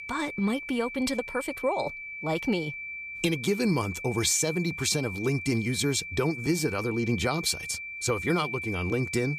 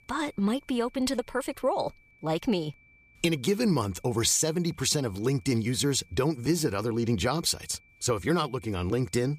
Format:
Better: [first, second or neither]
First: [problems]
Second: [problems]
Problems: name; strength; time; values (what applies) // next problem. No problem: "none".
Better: second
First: high-pitched whine; loud; throughout; 2.5 kHz, 7 dB below the speech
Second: high-pitched whine; faint; throughout; 2.5 kHz, 30 dB below the speech